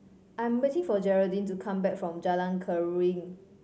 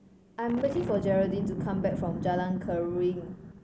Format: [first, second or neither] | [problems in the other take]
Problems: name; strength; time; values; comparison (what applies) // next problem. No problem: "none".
first | background sound (Boom); 5 dB below the speech